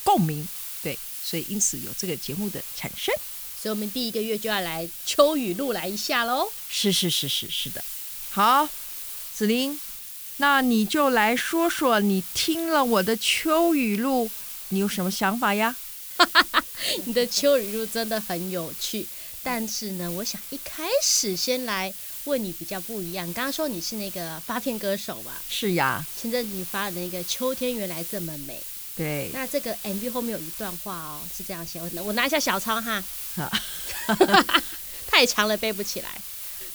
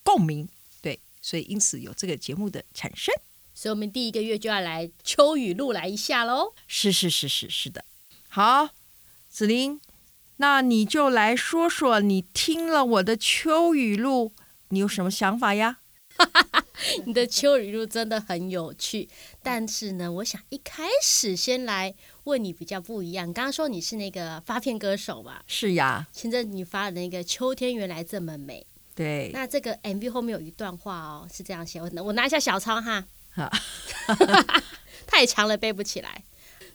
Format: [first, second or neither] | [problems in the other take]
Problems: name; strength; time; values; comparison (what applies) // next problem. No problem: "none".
second | hiss; loud; throughout; 7 dB below the speech; faint in the second